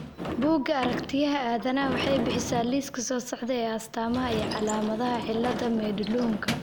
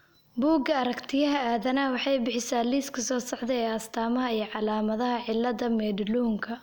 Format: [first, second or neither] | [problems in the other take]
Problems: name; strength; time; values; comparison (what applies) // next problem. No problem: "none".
second | background sound (Sliding door / Slam); 7 dB below the speech